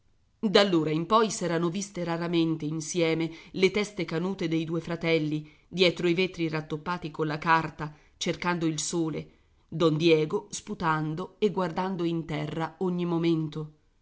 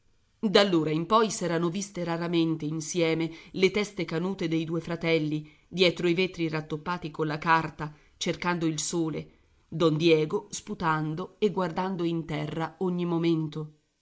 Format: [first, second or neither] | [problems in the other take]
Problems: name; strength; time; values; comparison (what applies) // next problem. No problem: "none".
first | noise reduction (neural mask model Resemble Enhance denoiser)